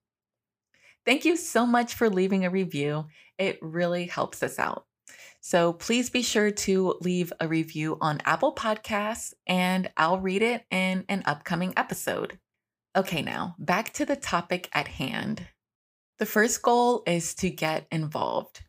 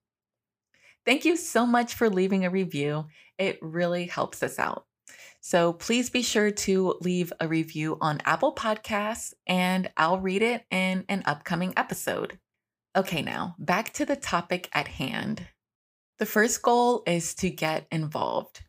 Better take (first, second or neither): neither